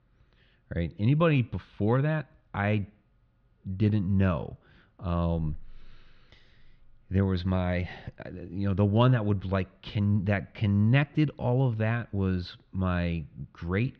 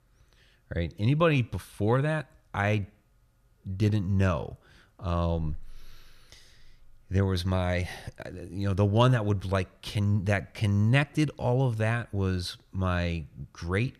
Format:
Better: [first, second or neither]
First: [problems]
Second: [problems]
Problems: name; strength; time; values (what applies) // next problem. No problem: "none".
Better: second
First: muffled; very slightly; fading above 4 kHz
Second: none